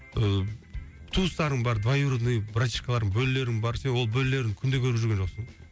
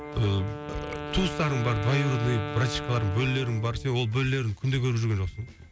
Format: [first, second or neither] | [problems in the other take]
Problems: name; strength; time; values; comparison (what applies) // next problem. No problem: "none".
first | background sound (Wind instrument, woodwind instrument + Burping, eructation); 10 dB below the speech